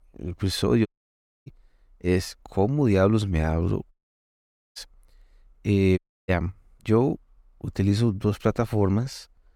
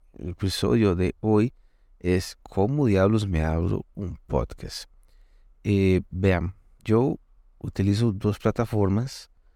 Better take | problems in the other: second | audio cutting out; at 1 s for 0.5 s, at 4 s for 1 s and at 6 s

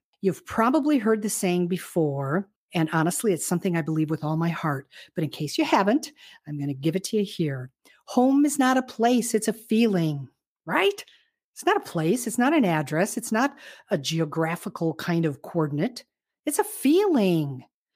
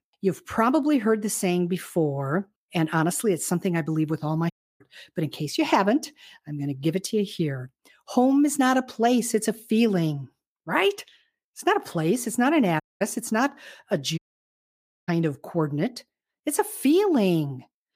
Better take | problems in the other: first | audio cutting out; at 4.5 s, at 13 s and at 14 s for 1 s

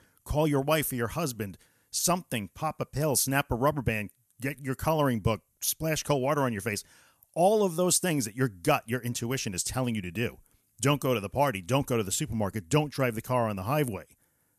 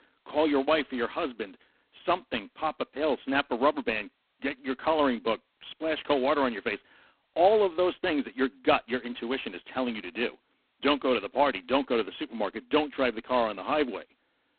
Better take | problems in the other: first | phone-call audio; poor line; nothing above 4 kHz

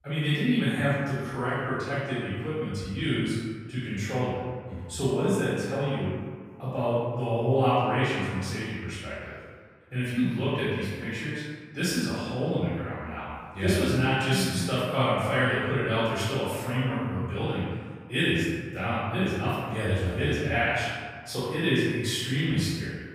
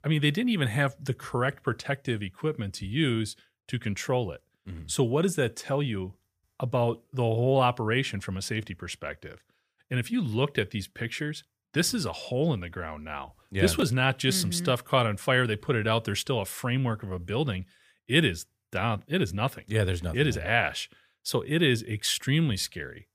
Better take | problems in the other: second | off-mic speech; far // room echo; strong; dies away in 1.5 s

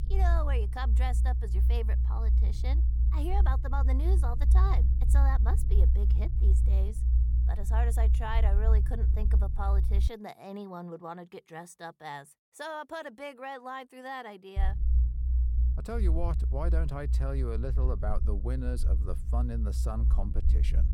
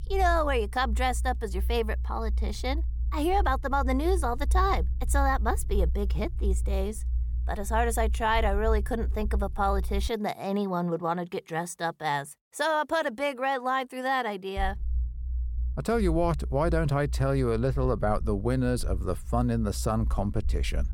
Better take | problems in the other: second | low rumble; loud; until 10 s and from 15 s on; 8 dB below the speech; faint in the second

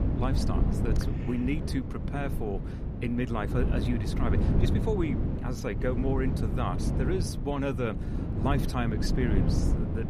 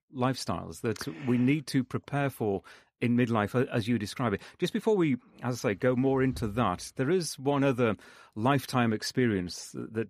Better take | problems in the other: second | wind noise on the microphone; heavy; 4 dB below the speech

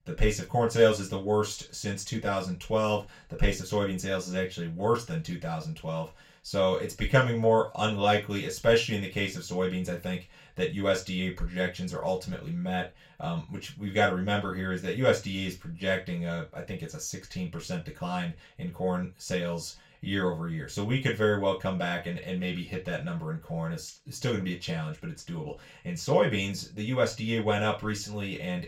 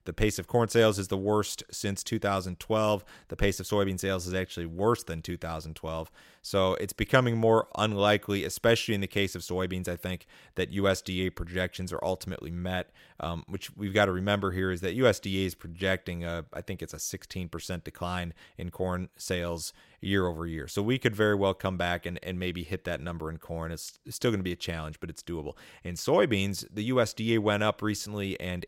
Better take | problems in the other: second | room echo; slight; dies away in 0.2 s // off-mic speech; far

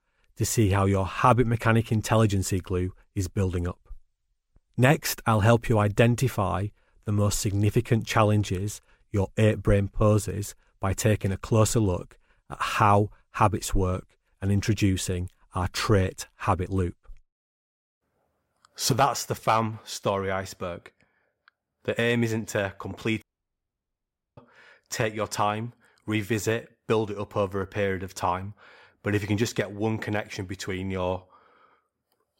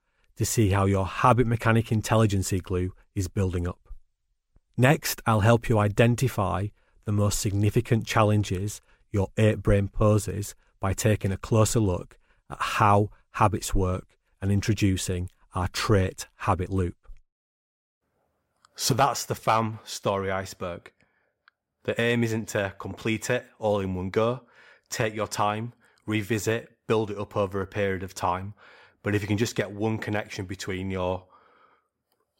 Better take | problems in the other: second | audio cutting out; at 23 s for 1 s

